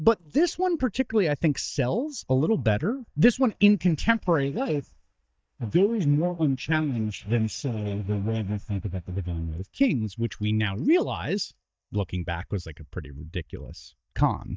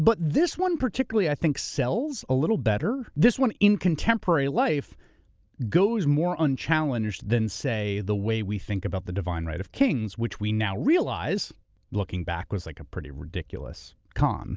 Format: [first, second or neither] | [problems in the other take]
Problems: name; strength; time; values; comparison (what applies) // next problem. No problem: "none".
second | noise reduction (neural mask model DeepFilterNet 3)